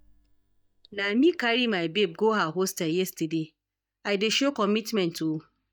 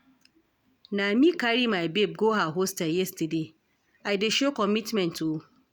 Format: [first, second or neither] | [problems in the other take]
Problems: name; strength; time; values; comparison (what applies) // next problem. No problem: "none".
second | noise reduction (neural mask model DeepFilterNet 3)